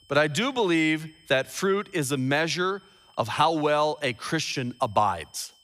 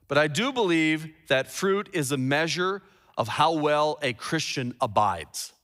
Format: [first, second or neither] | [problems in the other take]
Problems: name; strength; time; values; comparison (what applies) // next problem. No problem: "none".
second | high-pitched whine; faint; throughout; 3 kHz, 30 dB below the speech